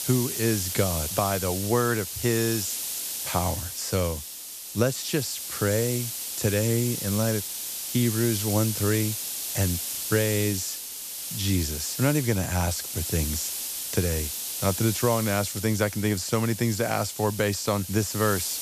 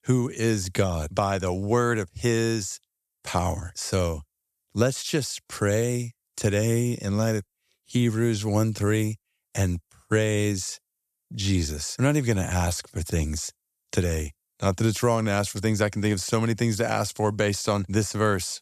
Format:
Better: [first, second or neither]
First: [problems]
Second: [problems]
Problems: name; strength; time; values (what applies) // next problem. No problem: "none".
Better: second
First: hiss; loud; throughout; 4 dB below the speech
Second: none